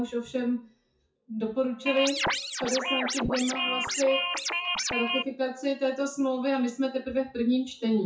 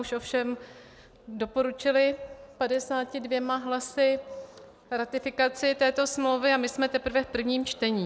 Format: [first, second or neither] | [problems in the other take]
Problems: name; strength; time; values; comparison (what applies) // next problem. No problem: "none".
second | noise reduction (classical method WPE with log-MMSE)